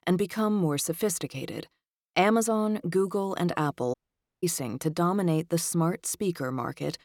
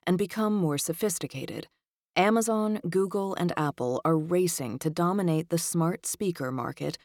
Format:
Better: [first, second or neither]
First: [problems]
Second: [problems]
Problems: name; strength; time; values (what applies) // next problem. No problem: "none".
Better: second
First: audio cutting out; at 4 s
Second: none